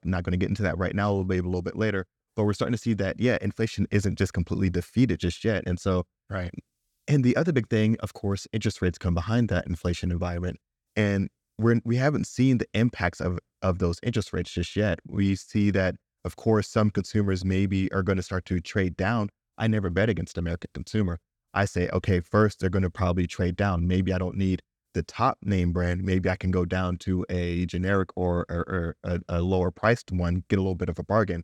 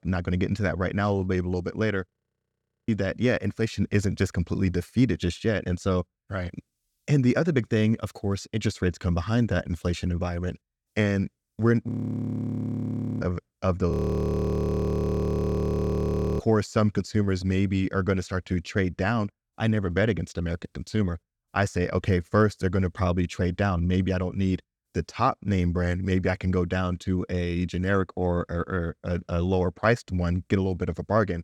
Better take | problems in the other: first | audio freezing; at 2 s for 1 s, at 12 s for 1.5 s and at 14 s for 2.5 s

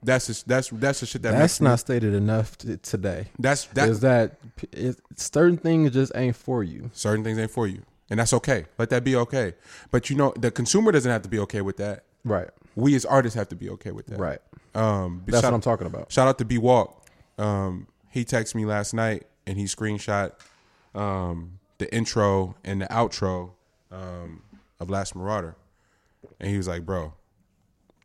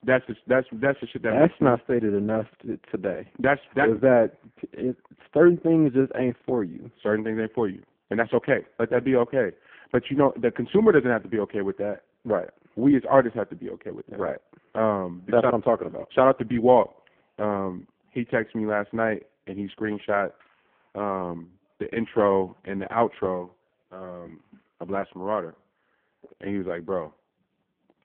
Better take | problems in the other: first | phone-call audio; poor line

